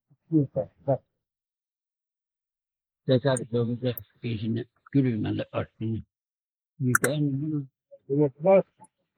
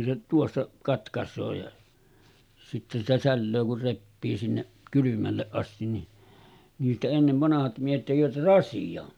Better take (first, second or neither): second